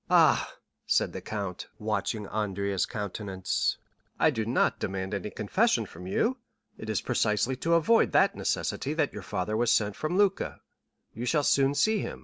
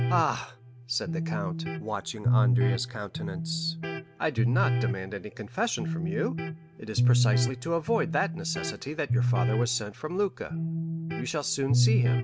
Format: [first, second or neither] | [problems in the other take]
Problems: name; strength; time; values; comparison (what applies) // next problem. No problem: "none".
first | background sound (Electric guitar); 4 dB above the speech